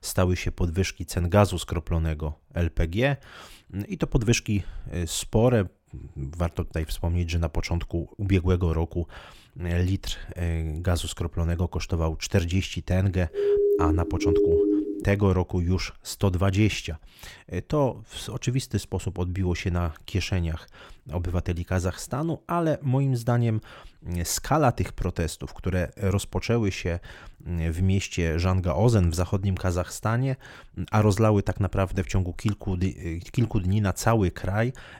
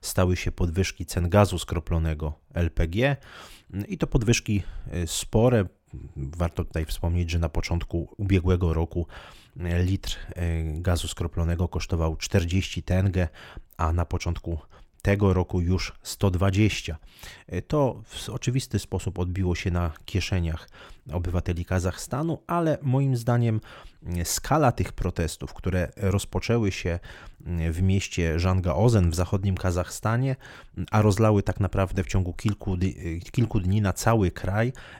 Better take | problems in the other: second | siren; loud; from 13 to 15 s; peak 5 dB above the speech

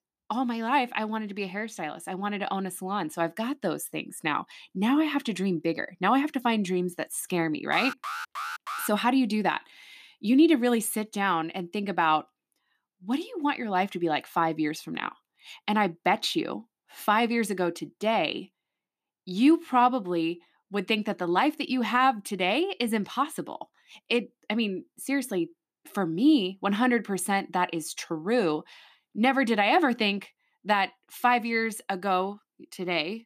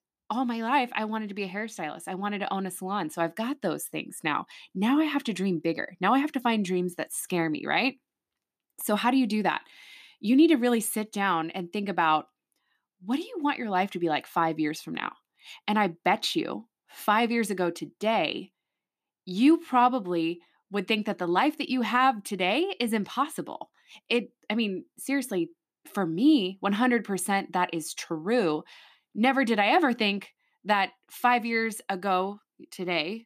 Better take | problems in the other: second | alarm; noticeable; from 7.5 to 9 s; peak 7 dB below the speech

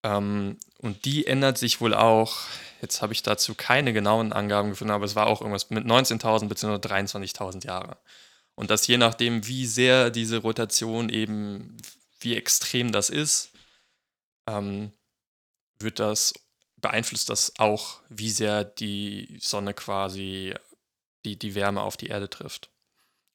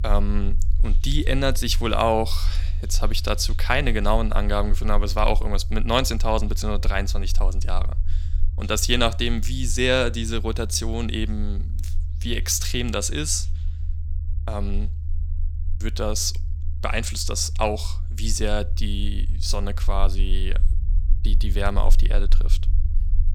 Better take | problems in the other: first | low rumble; faint; throughout; 20 dB below the speech

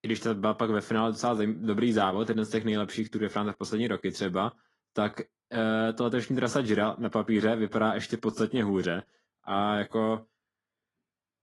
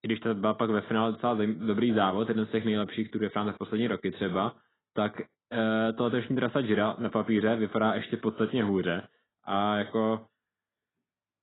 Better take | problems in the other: first | garbled, watery; badly; nothing above 4 kHz; slightly in the first

